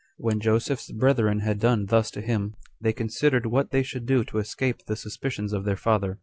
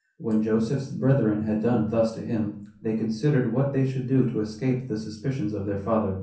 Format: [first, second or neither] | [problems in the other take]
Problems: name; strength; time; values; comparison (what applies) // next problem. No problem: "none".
first | room echo; dies away in 0.6 s